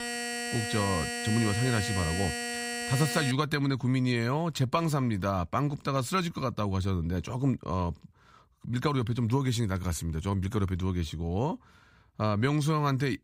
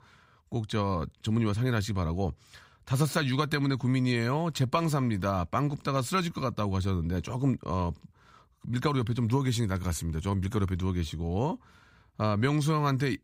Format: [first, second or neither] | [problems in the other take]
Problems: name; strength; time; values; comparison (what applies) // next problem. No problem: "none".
second | alarm; noticeable; until 3.5 s; peak 3 dB below the speech